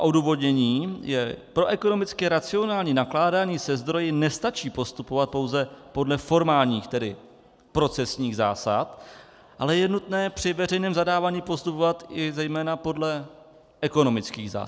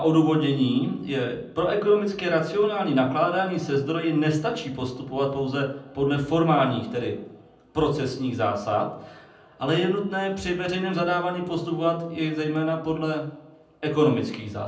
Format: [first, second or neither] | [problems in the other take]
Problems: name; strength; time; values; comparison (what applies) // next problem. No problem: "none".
first | room echo; dies away in 0.6 s